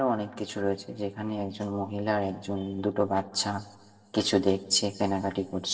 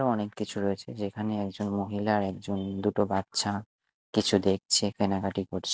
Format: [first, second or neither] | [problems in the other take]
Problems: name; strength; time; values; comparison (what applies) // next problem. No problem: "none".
second | room echo; dies away in 1.4 s